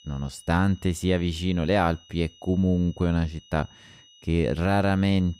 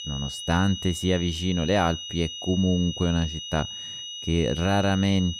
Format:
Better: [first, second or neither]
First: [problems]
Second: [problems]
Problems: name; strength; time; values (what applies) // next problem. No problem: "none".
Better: first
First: high-pitched whine; faint; throughout; 3 kHz, 25 dB below the speech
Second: high-pitched whine; loud; throughout; 3 kHz, 8 dB below the speech